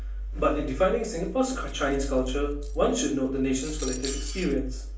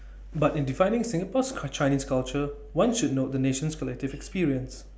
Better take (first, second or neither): second